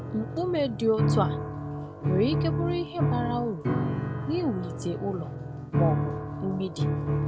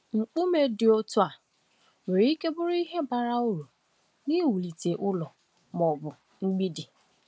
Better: second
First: background sound (Piano); 2 dB above the speech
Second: none

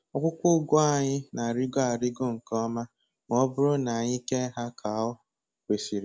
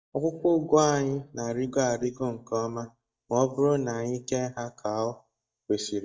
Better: first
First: none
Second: noise reduction (neural mask model DeepFilterNet 3)

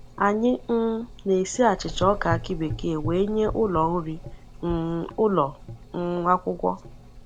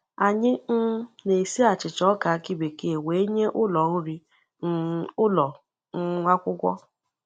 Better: second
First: background sound (Gurgling / Engine); 12 dB below the speech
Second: none

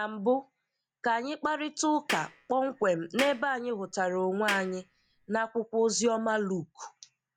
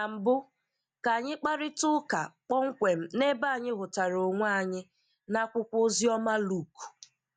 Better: second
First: background sound (Clapping); 10 dB below the speech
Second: none

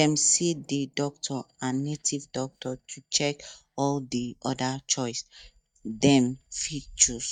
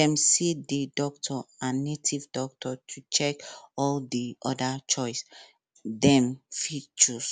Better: second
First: noise reduction (neural mask model DeepFilterNet 3)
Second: none

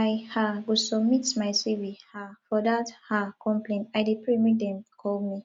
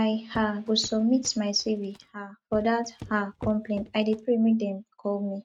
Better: first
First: none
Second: noise reduction (neural mask model RNNoise)

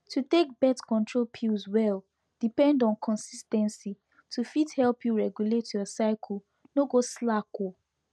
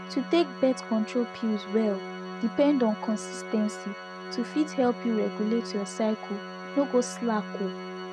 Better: first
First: none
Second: background sound (Organ); 10 dB below the speech

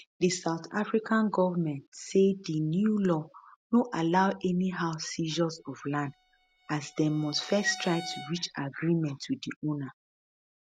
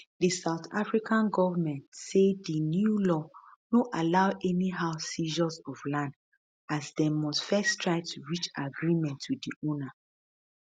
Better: second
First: background sound (Bowed string instrument); 18 dB below the speech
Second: none

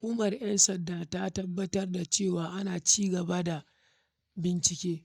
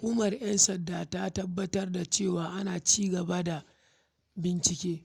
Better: second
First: noise reduction (neural mask model DeepFilterNet 3)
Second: none

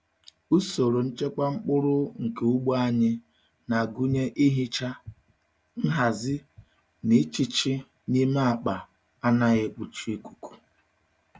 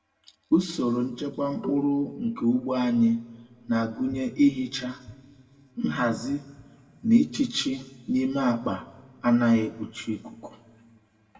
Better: first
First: none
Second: background sound (Marimba, xylophone); 12 dB below the speech // room echo; dies away in 1.4 s

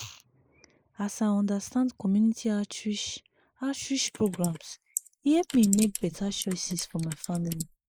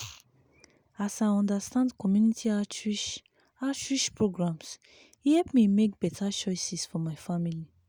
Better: second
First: noise reduction (neural mask model Resemble Enhance denoiser)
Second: none

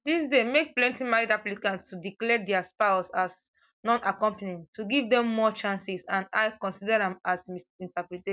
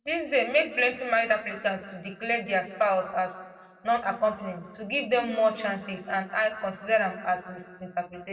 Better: first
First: none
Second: room echo; dies away in 1.3 s

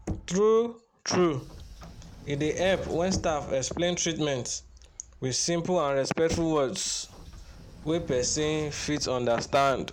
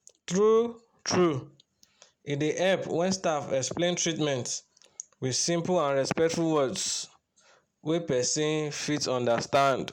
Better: second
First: background sound (Knock + Sliding door / Train); 15 dB below the speech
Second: none

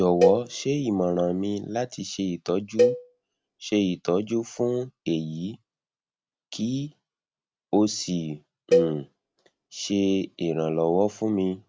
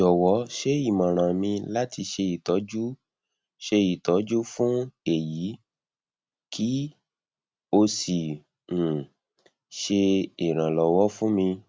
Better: second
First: background sound (Cowbell); 1 dB below the speech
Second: none

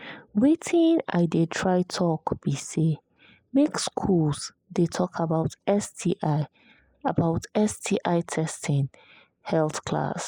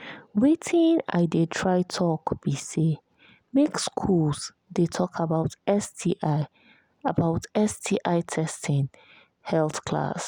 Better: second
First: noise reduction (neural mask model Resemble Enhance denoiser)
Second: none

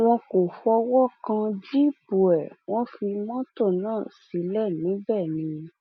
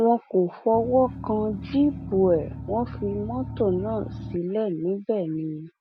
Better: first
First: none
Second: background sound (Engine); 10 dB below the speech

